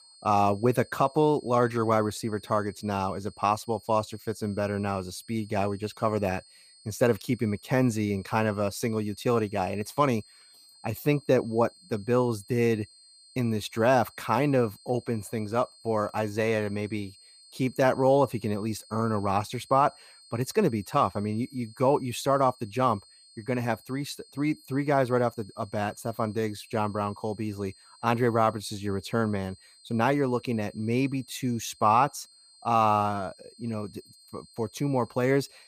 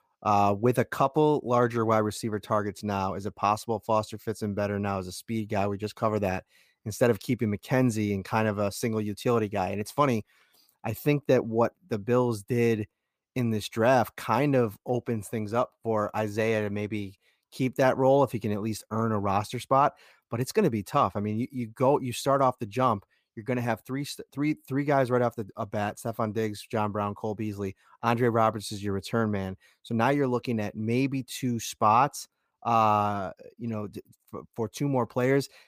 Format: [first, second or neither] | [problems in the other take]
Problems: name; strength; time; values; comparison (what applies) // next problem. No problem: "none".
second | high-pitched whine; faint; throughout; 4.5 kHz, 25 dB below the speech